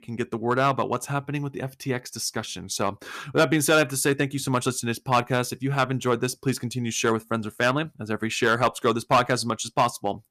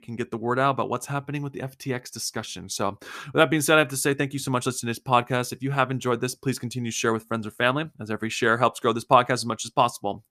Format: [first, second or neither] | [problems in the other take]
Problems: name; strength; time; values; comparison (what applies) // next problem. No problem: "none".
second | distortion; slight; 1.8% of the sound clipped